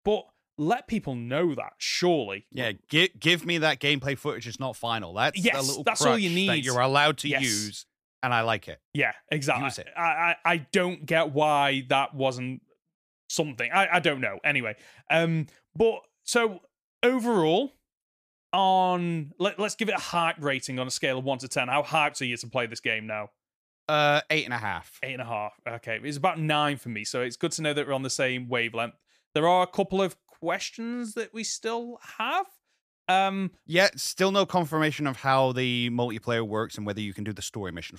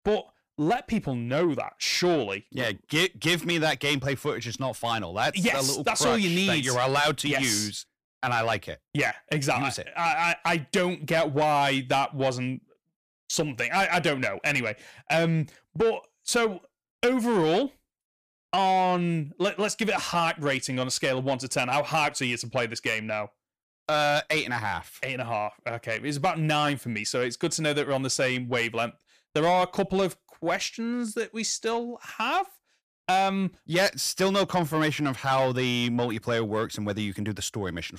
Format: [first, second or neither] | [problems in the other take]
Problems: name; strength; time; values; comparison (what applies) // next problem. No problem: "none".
first | distortion; slight; 10 dB below the speech